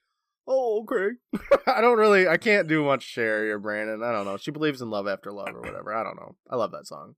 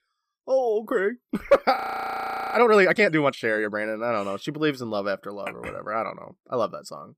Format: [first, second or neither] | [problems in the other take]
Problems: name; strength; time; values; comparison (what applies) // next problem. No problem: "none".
first | audio freezing; at 2 s for 1 s